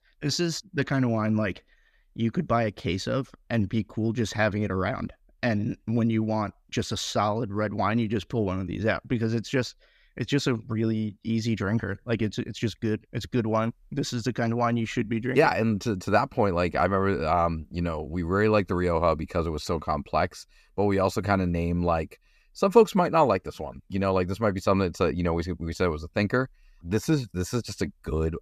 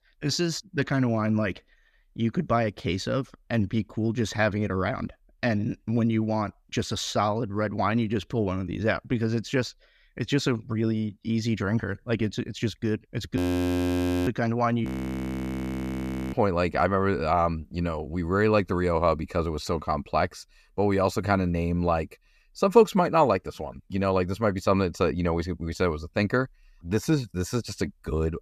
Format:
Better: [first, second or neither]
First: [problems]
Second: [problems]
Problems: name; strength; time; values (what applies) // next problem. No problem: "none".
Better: first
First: none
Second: audio freezing; at 13 s for 1 s and at 15 s for 1.5 s